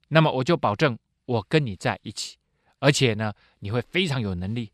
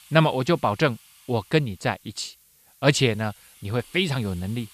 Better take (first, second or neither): first